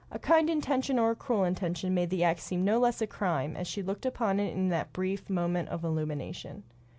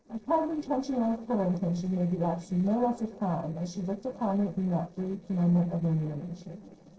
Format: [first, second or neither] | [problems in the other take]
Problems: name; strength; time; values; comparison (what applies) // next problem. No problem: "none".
first | noise reduction (neural separator model SepFormer DNS4)